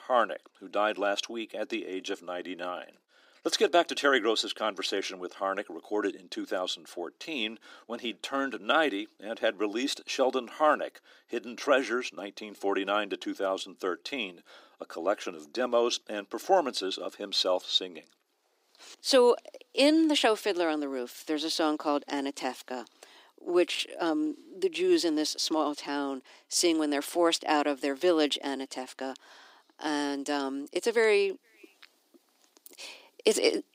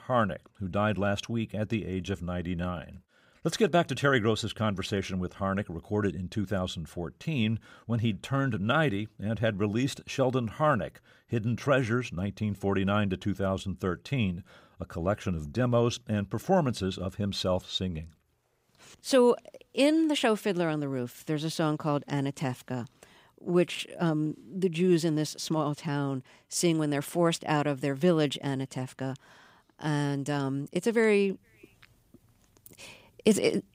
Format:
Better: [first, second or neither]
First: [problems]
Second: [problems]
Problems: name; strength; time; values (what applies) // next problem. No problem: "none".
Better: second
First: thin; somewhat; fading below 300 Hz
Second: none